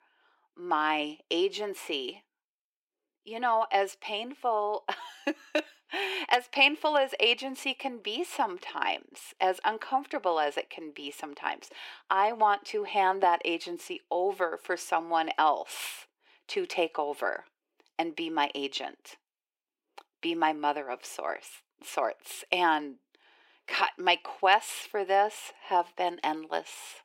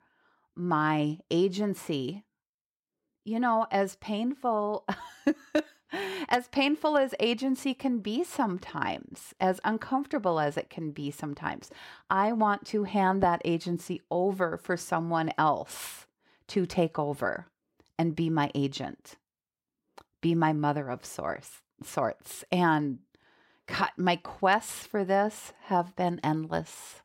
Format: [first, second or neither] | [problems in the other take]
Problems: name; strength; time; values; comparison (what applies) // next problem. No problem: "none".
second | thin; very; fading below 350 Hz